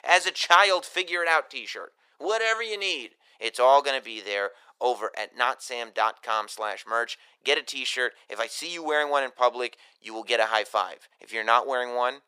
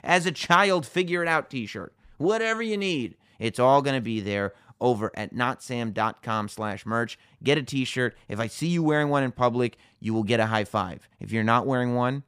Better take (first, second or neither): second